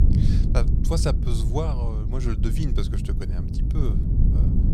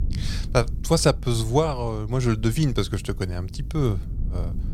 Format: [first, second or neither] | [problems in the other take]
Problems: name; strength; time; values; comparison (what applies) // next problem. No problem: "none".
second | low rumble; loud; throughout; 4 dB below the speech; faint in the second